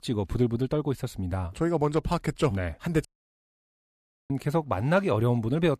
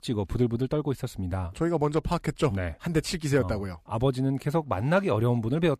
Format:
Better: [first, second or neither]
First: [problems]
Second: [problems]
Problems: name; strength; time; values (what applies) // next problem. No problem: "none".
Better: second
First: audio cutting out; at 3 s for 1.5 s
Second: none